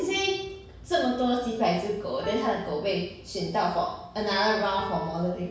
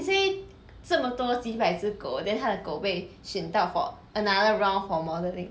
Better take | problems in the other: second | background sound (Piano); 12 dB below the speech // room echo; dies away in 0.7 s

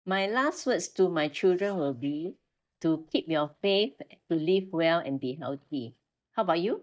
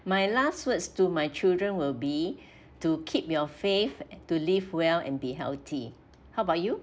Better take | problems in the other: second | noise reduction (neural mask model DeepFilterNet 3)

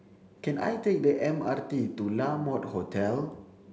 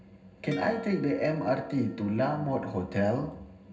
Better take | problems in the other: first | background sound (Harp); 16 dB below the speech // room echo; dies away in 0.4 s

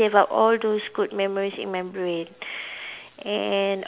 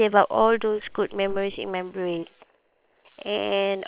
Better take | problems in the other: first | noise reduction (neural separator model SepFormer WHAM!)

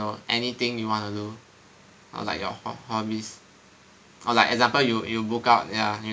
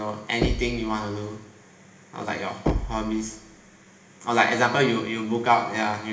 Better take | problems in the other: first | background sound (Knock); 6 dB below the speech // room echo; dies away in 1 s

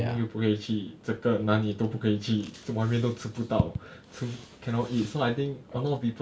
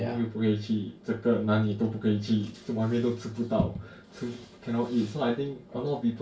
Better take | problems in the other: first | room echo; dies away in 0.2 s

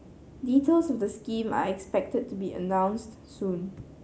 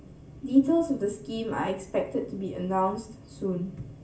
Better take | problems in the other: first | room echo; dies away in 0.3 s

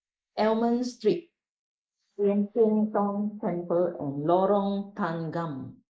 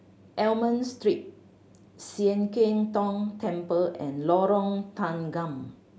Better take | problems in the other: second | noise reduction (neural mask model Resemble Enhance denoiser)

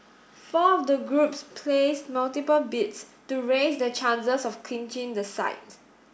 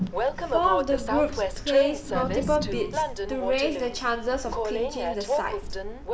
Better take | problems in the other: first | background sound (Train); as loud as the speech

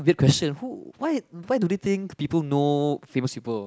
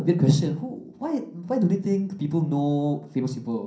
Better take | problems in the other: first | room echo; dies away in 0.6 s

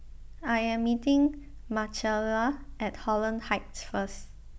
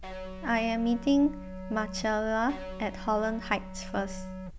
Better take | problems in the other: first | background sound (Electric guitar); 12 dB below the speech

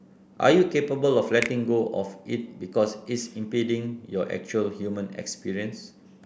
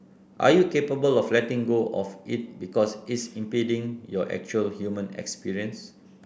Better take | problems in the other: second | background sound (Finger snapping); 15 dB below the speech

